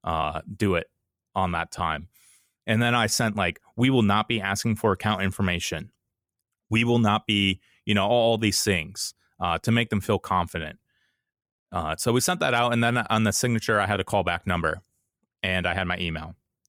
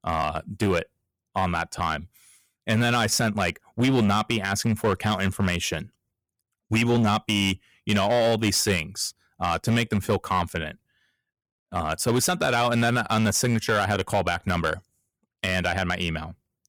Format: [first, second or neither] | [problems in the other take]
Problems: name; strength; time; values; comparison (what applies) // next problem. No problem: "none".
first | distortion; slight; 6% of the sound clipped